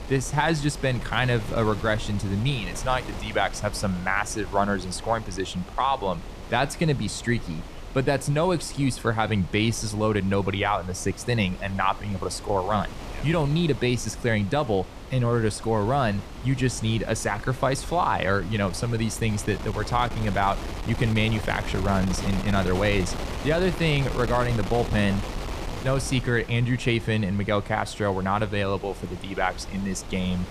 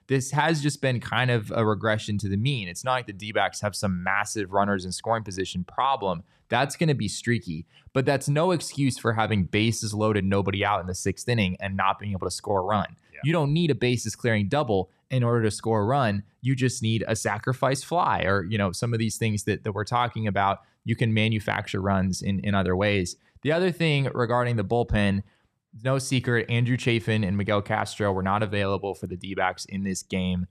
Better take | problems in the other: second | wind noise on the microphone; occasional gusts; 15 dB below the speech

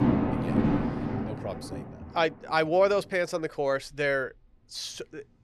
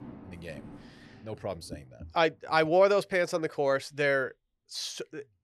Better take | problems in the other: second | rain or running water; loud; throughout; 1 dB below the speech; faint in the second

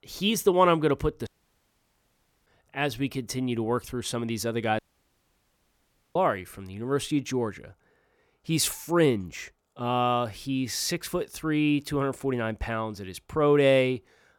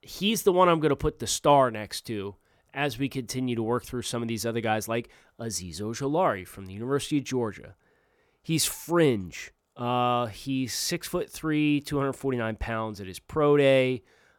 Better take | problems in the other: second | audio cutting out; at 1.5 s for 1 s and at 5 s for 1.5 s

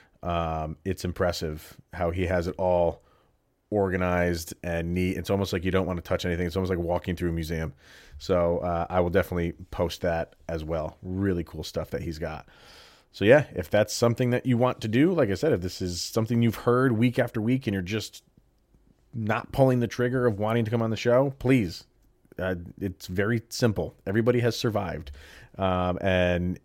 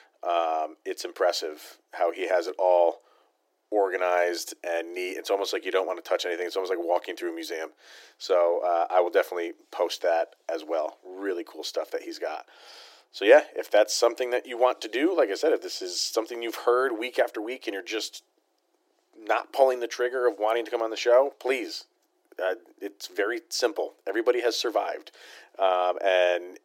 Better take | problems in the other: first | thin; very; fading below 300 Hz

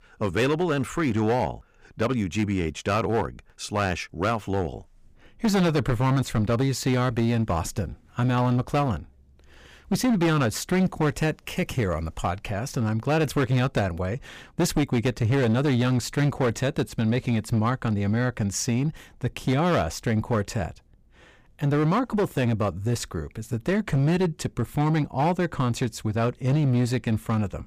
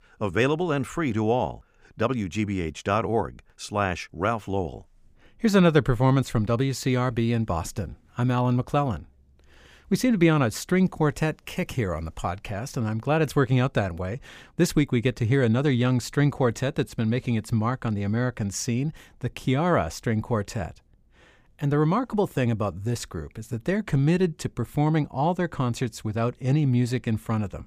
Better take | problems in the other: second | distortion; slight; 10% of the sound clipped

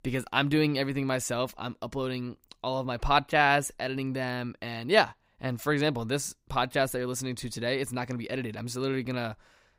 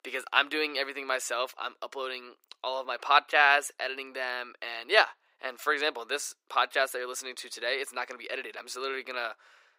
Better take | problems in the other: first | thin; very; fading below 400 Hz

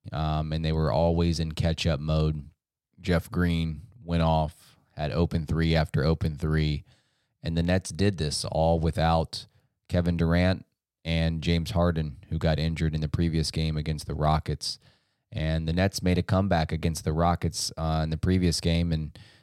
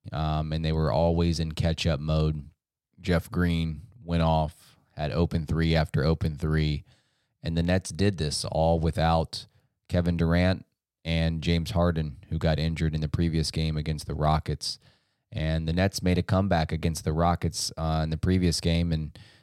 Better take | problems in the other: neither | none

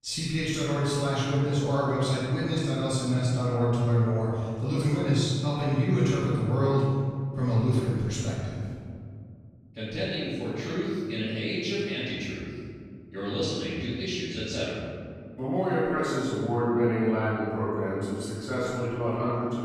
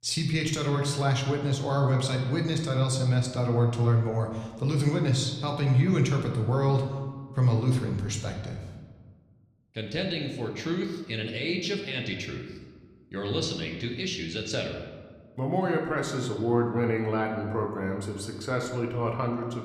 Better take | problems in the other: second | room echo; strong; dies away in 2.1 s; slight in the second // off-mic speech; far

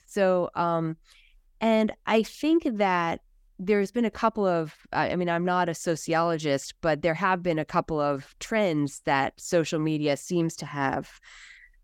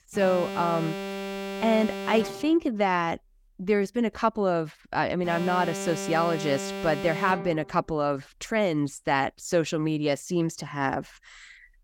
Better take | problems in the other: first | alarm; noticeable; until 7.5 s; peak 7 dB below the speech

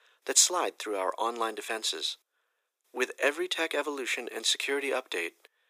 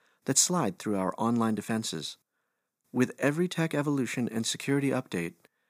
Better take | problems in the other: second | thin; very; fading below 350 Hz

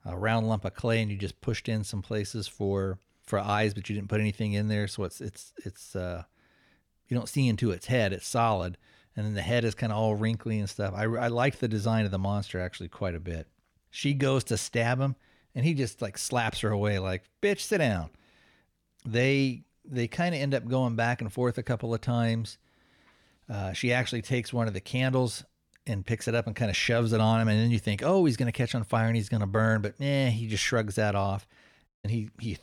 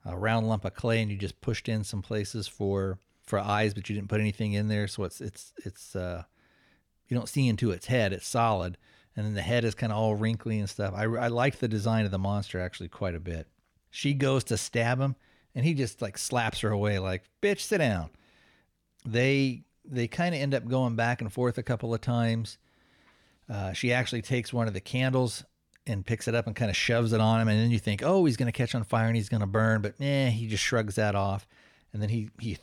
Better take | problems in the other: second | audio cutting out; at 32 s

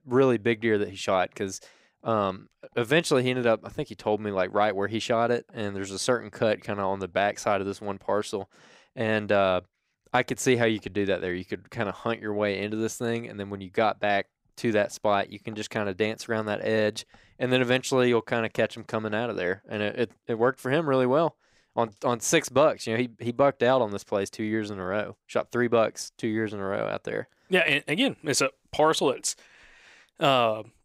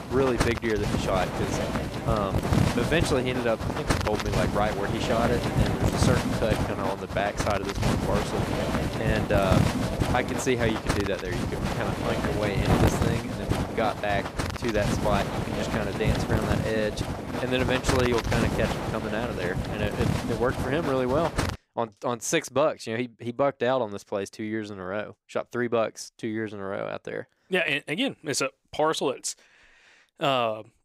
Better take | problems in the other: first | wind noise on the microphone; heavy; until 22 s; 2 dB below the speech

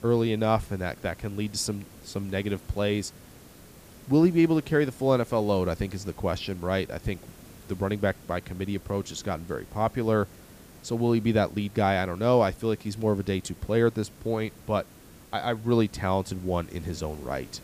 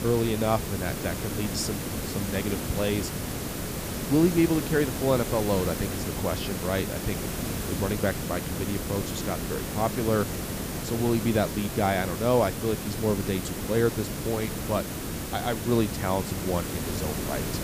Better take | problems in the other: first | hiss; loud; throughout; 4 dB below the speech; faint in the first

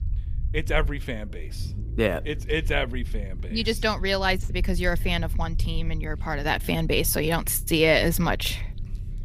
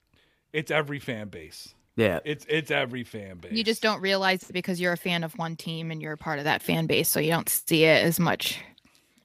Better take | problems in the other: second | low rumble; faint; throughout; 25 dB below the speech

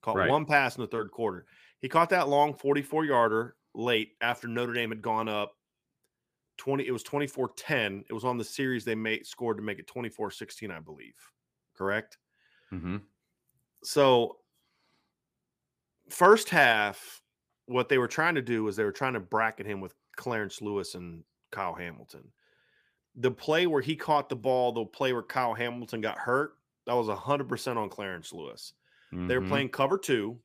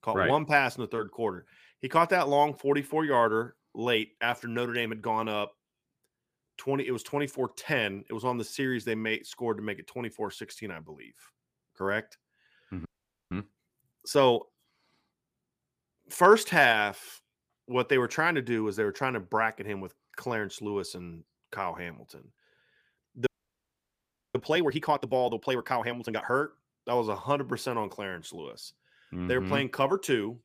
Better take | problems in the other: first | audio freezing; at 13 s and at 23 s for 1 s

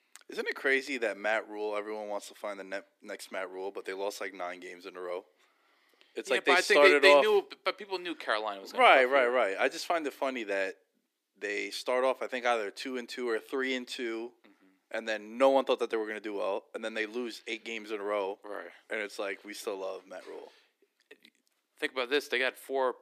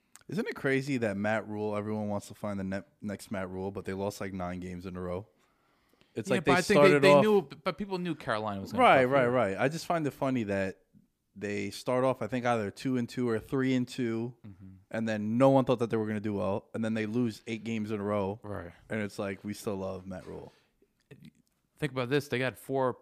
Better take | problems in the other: second | thin; somewhat; fading below 300 Hz

